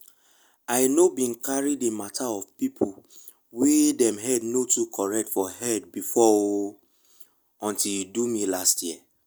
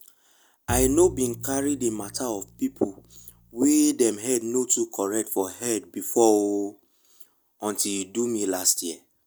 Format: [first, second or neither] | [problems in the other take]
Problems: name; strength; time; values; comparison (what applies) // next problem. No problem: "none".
first | background sound (Bowed string instrument); 13 dB below the speech